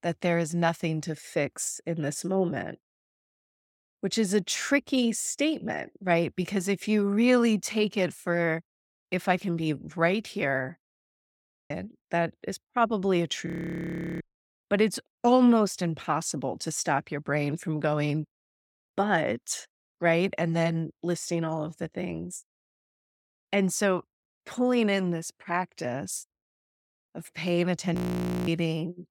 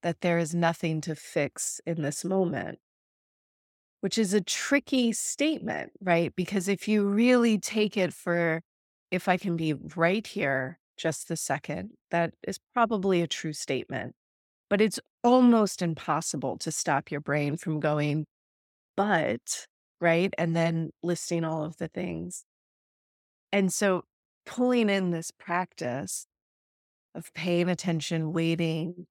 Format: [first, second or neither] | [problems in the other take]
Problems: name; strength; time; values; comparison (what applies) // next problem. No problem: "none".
second | audio freezing; at 11 s for 1 s, at 13 s for 0.5 s and at 28 s for 0.5 s